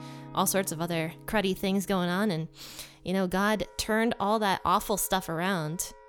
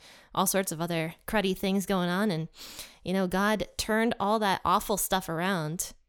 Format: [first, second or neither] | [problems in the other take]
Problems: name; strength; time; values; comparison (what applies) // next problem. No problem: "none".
second | background music; faint; throughout; 25 dB below the speech